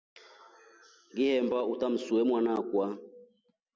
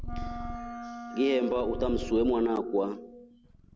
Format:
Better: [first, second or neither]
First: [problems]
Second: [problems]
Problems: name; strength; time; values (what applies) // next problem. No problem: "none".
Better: first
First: none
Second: background sound (Purr + Wind instrument, woodwind instrument); 8 dB below the speech